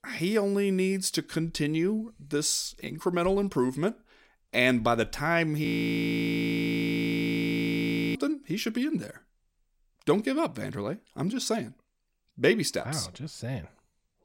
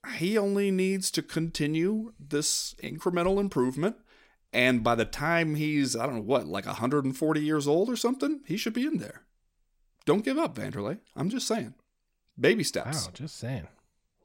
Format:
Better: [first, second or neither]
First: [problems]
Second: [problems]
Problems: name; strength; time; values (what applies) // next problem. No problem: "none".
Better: second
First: audio freezing; at 5.5 s for 2.5 s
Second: none